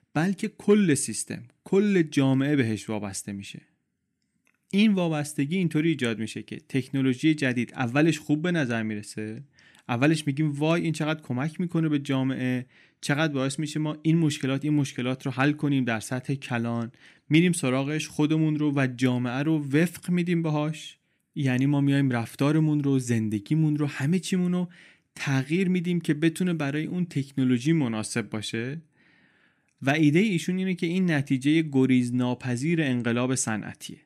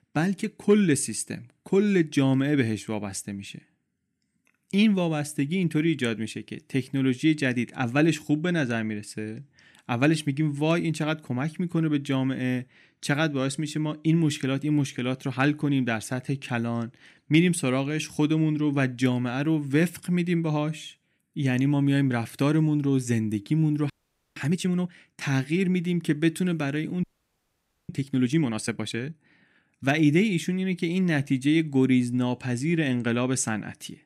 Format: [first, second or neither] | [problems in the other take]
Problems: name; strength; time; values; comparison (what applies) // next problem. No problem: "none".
first | audio freezing; at 24 s and at 27 s for 1 s